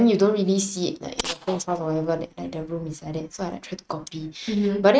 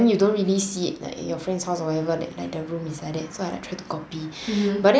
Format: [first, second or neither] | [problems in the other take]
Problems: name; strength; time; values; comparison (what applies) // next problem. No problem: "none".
second | noise reduction (neural mask model RNNoise)